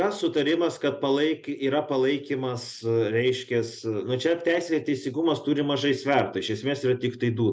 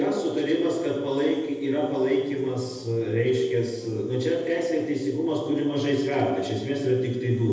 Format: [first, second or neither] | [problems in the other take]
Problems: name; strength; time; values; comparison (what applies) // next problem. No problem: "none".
first | noise reduction (neural separator model SepFormer DNS4)